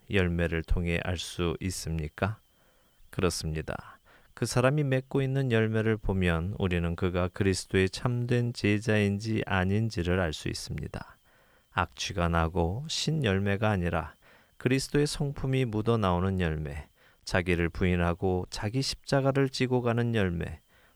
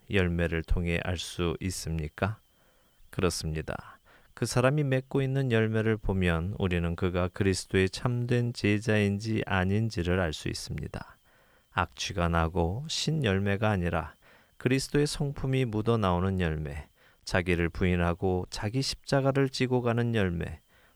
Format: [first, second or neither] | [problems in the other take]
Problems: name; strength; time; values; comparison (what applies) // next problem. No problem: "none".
neither | none